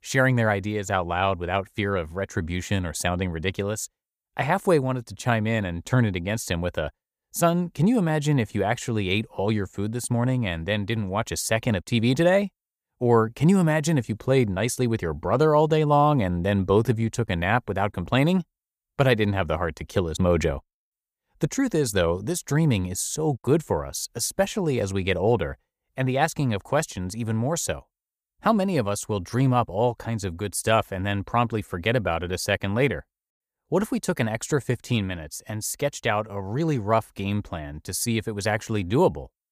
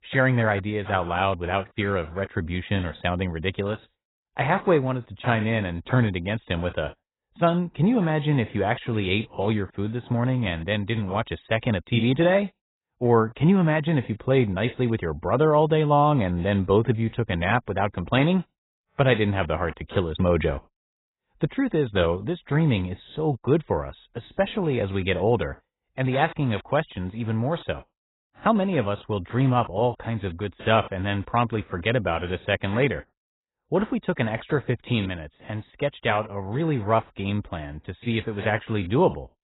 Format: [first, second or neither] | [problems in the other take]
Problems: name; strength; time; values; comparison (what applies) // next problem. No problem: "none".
first | garbled, watery; badly; nothing above 4 kHz